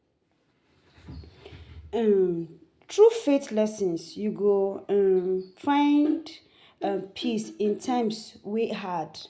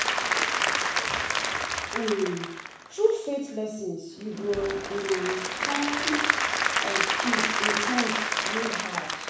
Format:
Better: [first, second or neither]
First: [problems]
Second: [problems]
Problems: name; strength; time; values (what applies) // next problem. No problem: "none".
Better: first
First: none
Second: background sound (Applause / Crowd); 3 dB above the speech // room echo; dies away in 0.6 s